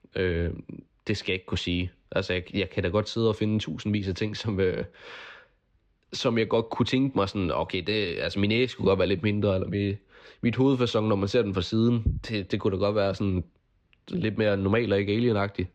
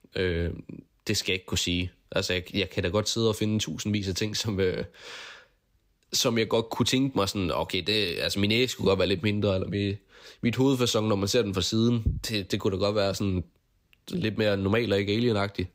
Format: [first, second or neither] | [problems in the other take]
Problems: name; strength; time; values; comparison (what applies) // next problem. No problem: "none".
second | muffled; slightly; fading above 3 kHz